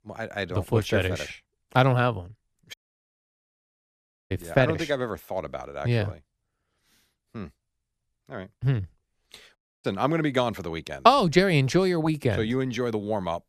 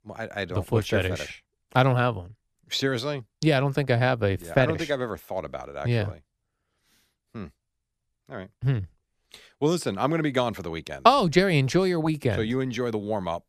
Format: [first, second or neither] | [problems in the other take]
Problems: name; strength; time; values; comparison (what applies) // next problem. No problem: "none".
second | audio cutting out; at 2.5 s for 1.5 s and at 9.5 s